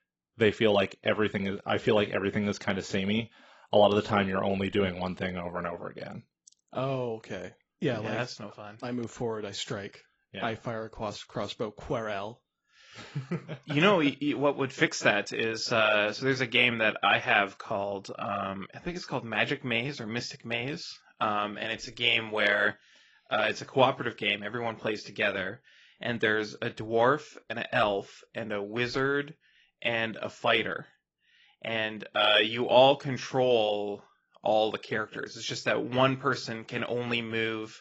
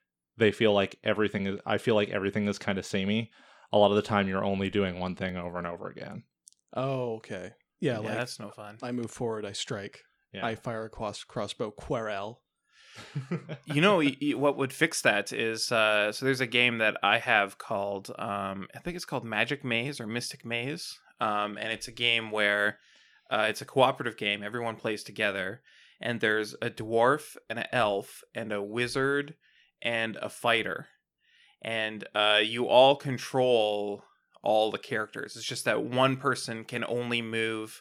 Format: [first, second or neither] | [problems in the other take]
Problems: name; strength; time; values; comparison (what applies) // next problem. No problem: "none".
second | garbled, watery; badly; nothing above 7.5 kHz